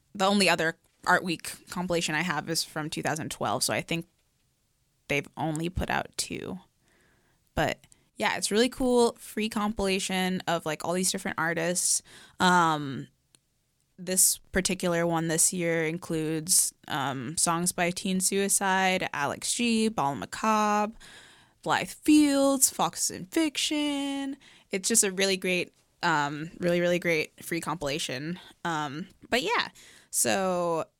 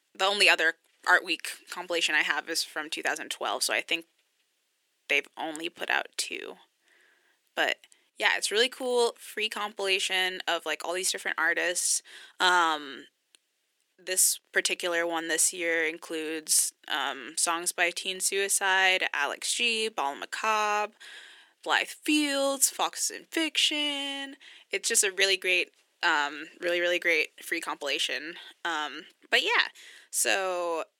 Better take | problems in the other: first | thin; somewhat; fading below 350 Hz

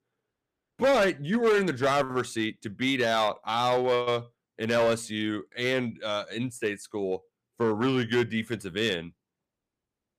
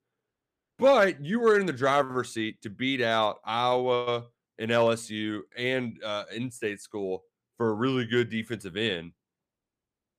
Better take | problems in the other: second | distortion; slight; 5% of the sound clipped

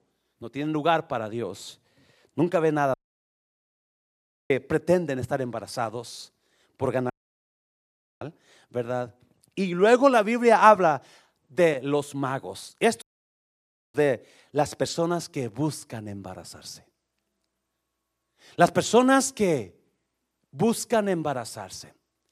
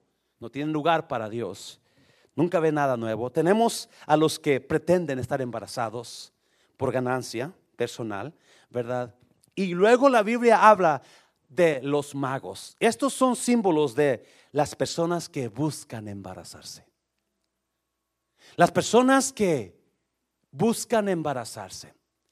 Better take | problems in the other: second | audio cutting out; at 3 s for 1.5 s, at 7 s for 1 s and at 13 s for 1 s

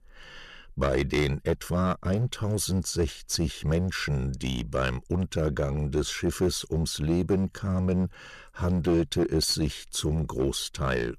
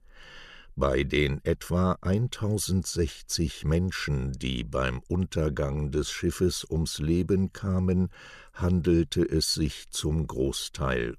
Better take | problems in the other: second | distortion; slight; 6% of the sound clipped

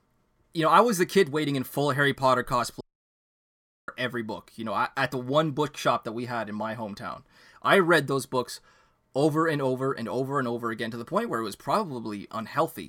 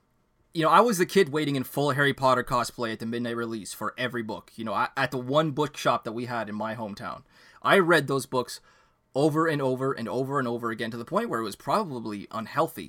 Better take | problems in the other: second | audio cutting out; at 3 s for 1 s

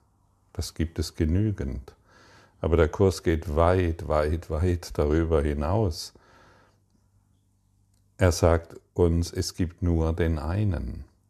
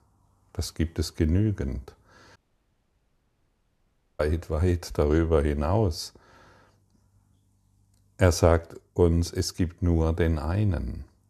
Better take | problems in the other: first | audio cutting out; at 2.5 s for 2 s

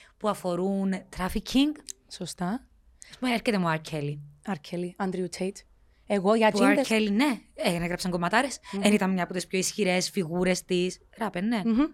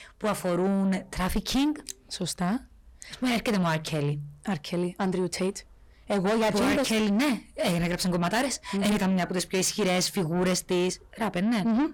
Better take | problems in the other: first | distortion; heavy; 6 dB below the speech

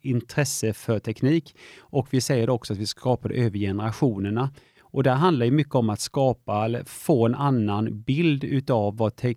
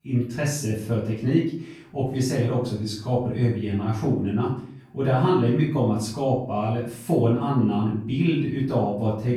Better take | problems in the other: first | room echo; noticeable; dies away in 0.5 s // off-mic speech; far

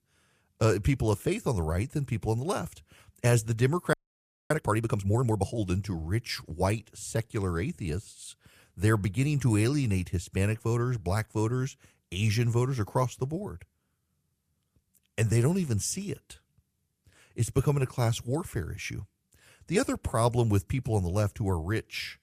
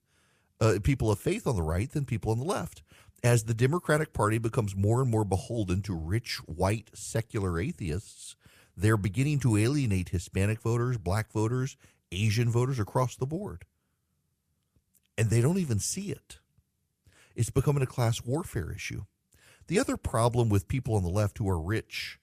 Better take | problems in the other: second | audio freezing; at 4 s for 0.5 s

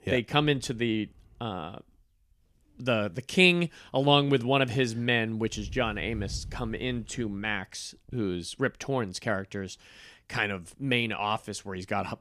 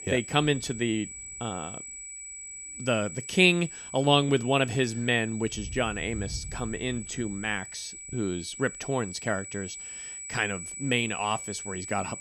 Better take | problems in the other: first | high-pitched whine; noticeable; throughout; 8 kHz, 10 dB below the speech

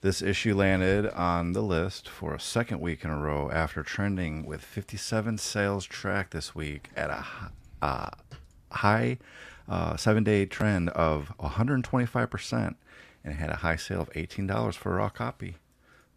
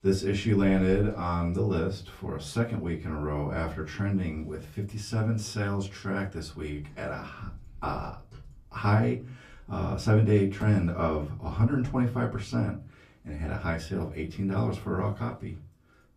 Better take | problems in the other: first | off-mic speech; far // room echo; very slight; dies away in 0.3 s

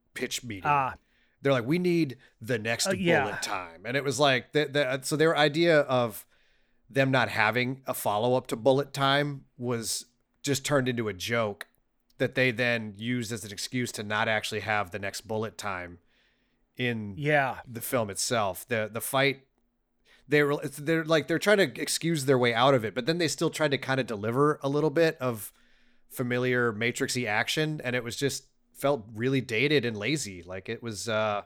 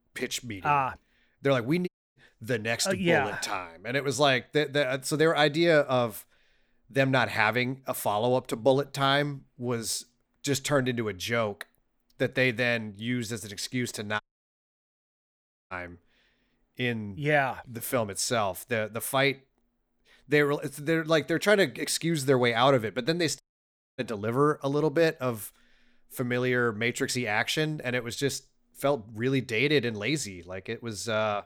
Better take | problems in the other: first | audio cutting out; at 2 s, at 14 s for 1.5 s and at 23 s for 0.5 s

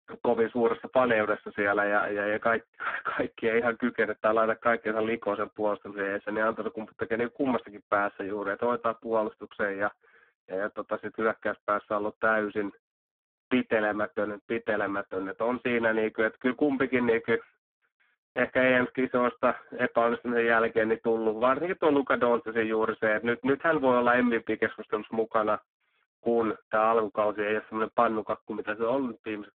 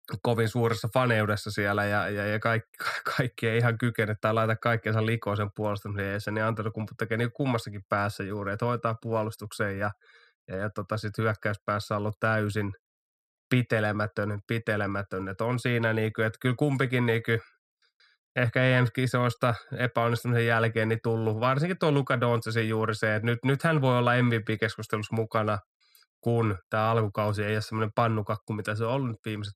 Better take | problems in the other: second | phone-call audio; poor line

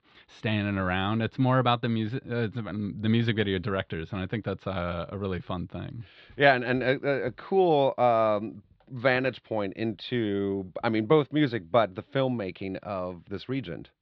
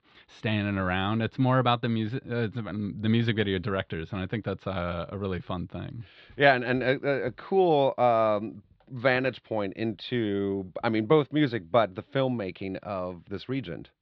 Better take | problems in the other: neither | muffled; slightly; fading above 4 kHz; the same in both

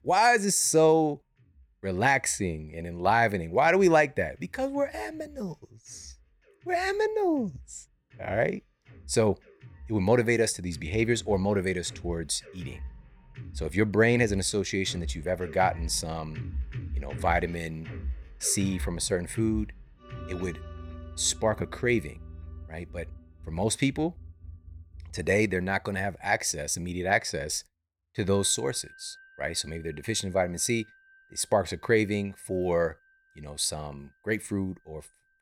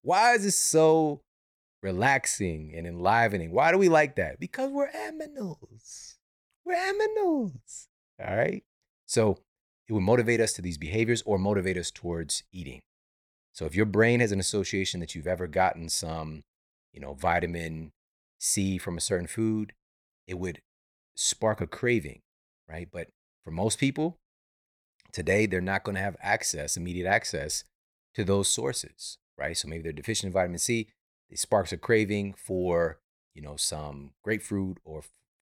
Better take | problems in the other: second | background music; noticeable; throughout; 15 dB below the speech

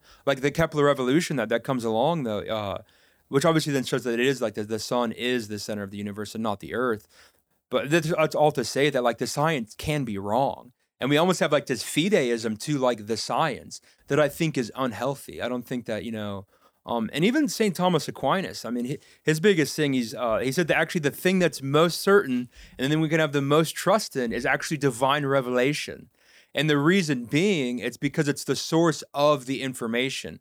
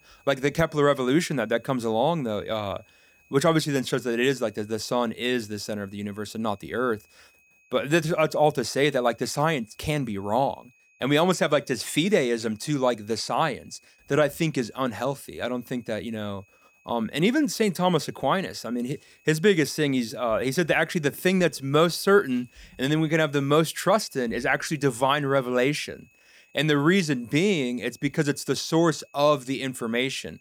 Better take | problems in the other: first | high-pitched whine; faint; throughout; 2.5 kHz, 35 dB below the speech

